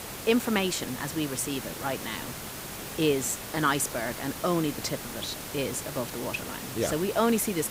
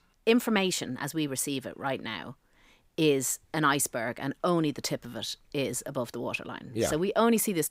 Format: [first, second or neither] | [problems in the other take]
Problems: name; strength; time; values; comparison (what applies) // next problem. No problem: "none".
second | hiss; loud; throughout; 7 dB below the speech